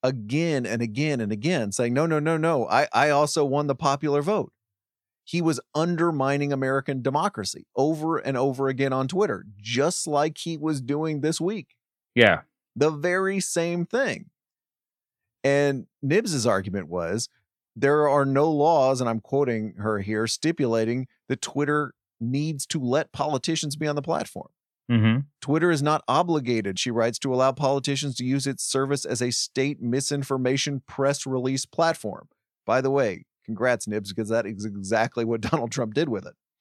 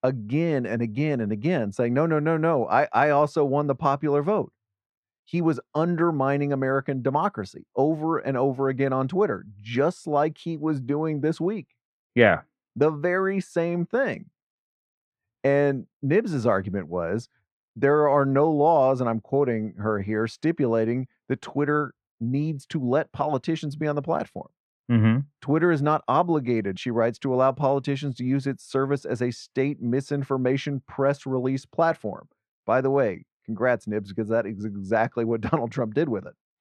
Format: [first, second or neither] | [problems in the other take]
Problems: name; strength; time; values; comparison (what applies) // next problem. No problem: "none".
first | muffled; very; fading above 3.5 kHz